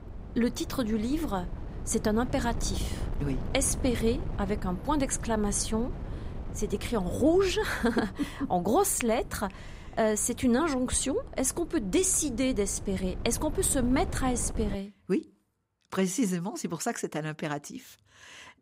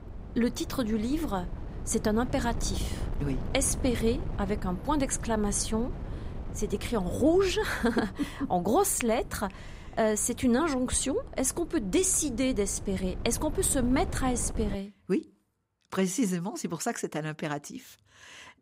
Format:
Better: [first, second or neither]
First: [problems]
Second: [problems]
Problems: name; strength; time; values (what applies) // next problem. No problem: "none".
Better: neither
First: wind noise on the microphone; occasional gusts; until 15 s; 15 dB below the speech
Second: wind noise on the microphone; occasional gusts; until 15 s; 15 dB below the speech